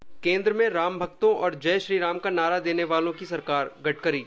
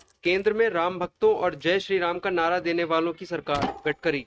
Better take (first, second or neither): first